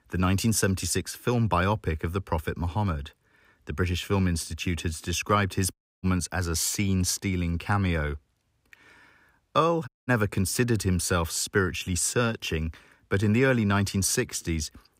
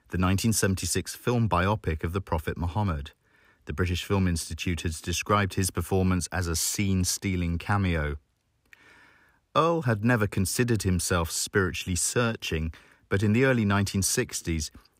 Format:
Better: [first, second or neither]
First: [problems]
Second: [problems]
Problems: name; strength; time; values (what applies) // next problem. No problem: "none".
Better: second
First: audio cutting out; at 5.5 s and at 10 s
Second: none